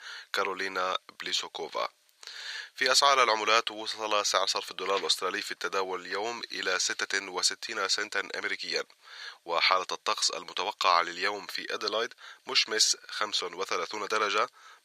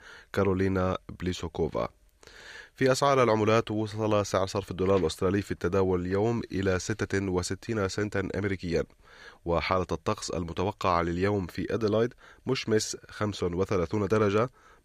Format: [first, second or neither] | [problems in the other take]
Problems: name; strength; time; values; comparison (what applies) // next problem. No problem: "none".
second | thin; very; fading below 900 Hz